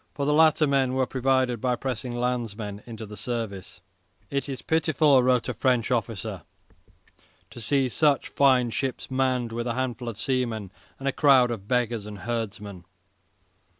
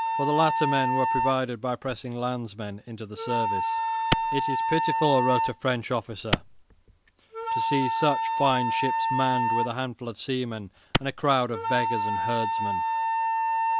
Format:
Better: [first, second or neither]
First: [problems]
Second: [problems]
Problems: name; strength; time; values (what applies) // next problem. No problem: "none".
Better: first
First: none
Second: background sound (Clapping + Wind instrument, woodwind instrument); 1 dB above the speech